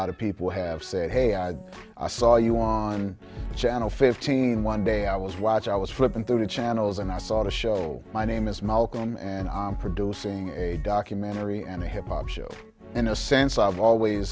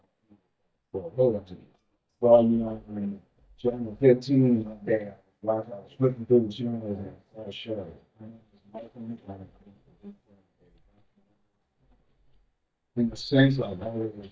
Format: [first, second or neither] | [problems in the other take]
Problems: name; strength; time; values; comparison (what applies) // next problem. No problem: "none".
first | noise reduction (neural mask model DeepFilterNet 3)